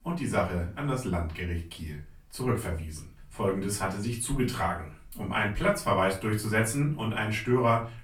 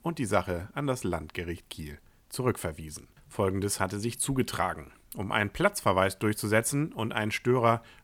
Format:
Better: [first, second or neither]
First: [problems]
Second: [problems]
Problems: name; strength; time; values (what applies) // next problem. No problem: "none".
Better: second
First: off-mic speech; far // room echo; slight; dies away in 0.3 s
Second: none